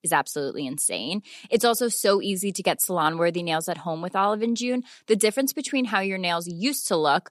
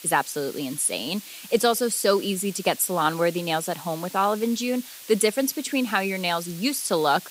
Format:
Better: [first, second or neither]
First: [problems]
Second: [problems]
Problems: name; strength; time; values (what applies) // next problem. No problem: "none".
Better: first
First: none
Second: hiss; noticeable; throughout; 15 dB below the speech